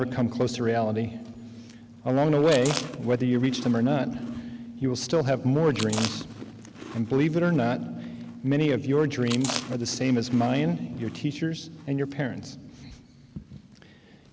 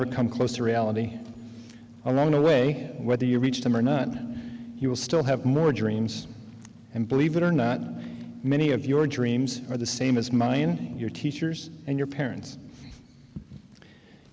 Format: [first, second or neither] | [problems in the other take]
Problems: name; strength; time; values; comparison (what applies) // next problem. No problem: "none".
second | background sound (Chewing, mastication); 13 dB below the speech